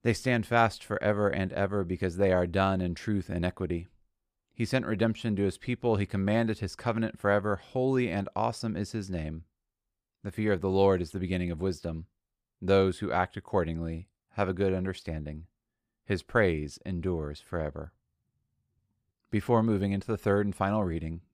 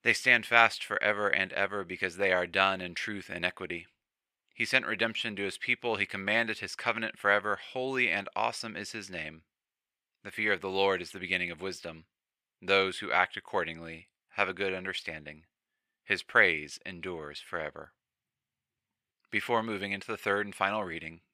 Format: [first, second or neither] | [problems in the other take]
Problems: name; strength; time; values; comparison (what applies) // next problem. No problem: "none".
first | thin; somewhat; fading below 900 Hz